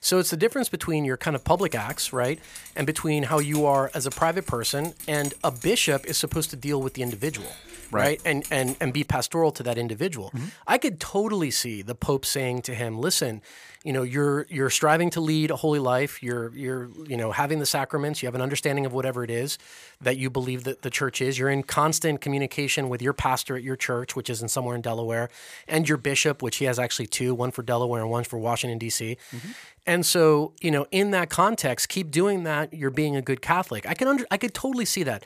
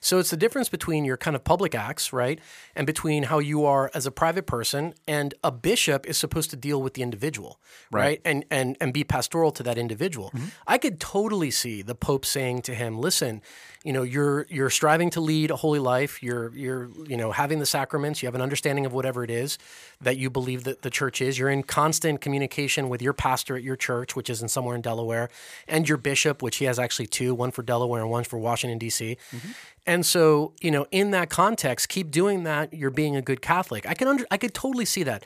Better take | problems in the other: second | jangling keys; noticeable; from 1.5 to 9 s; peak 8 dB below the speech

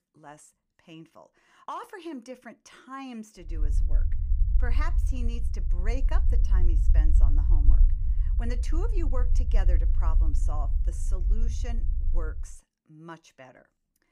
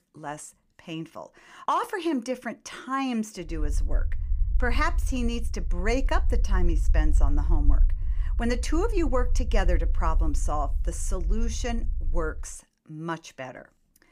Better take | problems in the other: second | low rumble; loud; from 3.5 to 12 s; 8 dB below the speech; faint in the second

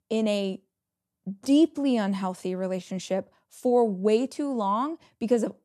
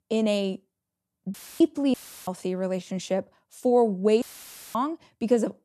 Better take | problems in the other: first | audio cutting out; filled with static; at 1.5 s, at 2 s and at 4 s for 0.5 s

